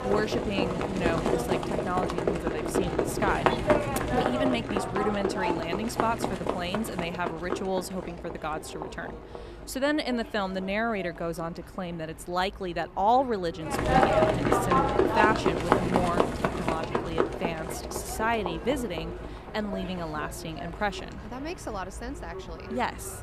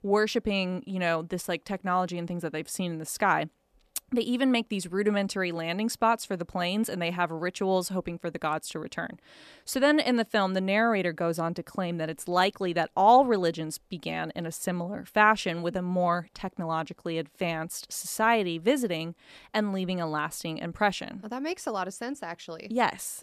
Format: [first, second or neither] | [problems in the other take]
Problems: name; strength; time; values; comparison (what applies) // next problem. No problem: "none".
second | animal sounds; very loud; throughout; 3 dB above the speech